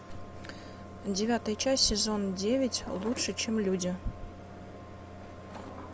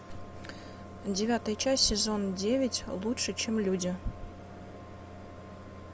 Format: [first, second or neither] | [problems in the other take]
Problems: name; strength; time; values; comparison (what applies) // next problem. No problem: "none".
second | background sound (Drawer open or close); 20 dB below the speech